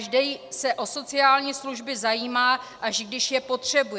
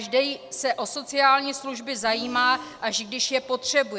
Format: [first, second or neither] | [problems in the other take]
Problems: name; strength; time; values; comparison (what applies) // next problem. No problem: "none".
first | background sound (Breathing); 19 dB below the speech